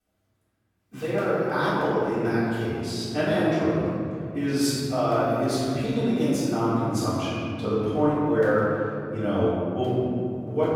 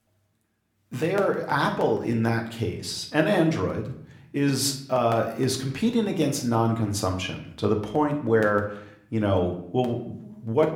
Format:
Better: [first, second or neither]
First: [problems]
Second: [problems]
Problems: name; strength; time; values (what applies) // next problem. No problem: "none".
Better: second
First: room echo; strong; dies away in 2.9 s // off-mic speech; far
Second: room echo; slight; dies away in 0.5 s